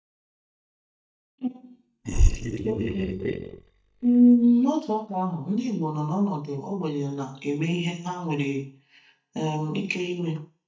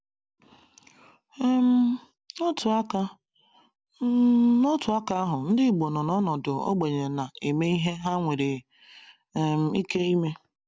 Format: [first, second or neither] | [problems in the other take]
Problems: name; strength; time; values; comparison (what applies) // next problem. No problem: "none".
second | noise reduction (neural mask model DeepFilterNet 3)